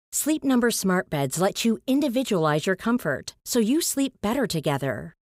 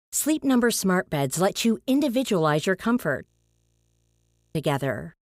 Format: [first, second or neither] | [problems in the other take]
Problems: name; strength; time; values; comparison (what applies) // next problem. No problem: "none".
first | audio freezing; at 3.5 s for 1.5 s